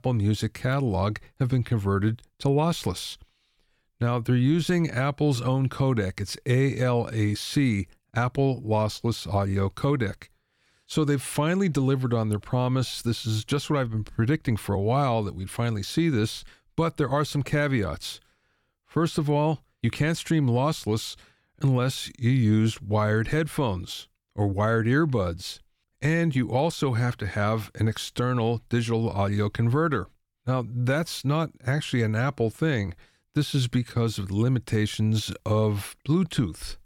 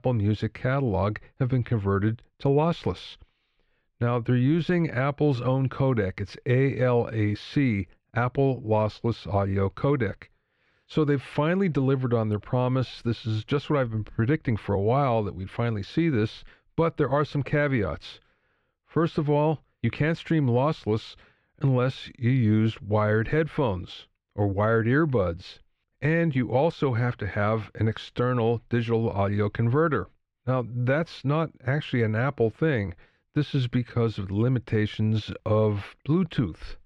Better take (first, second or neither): first